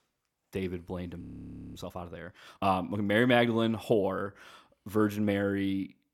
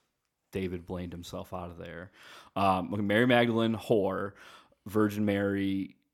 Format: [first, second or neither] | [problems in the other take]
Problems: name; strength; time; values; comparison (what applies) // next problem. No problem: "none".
second | audio freezing; at 1 s for 0.5 s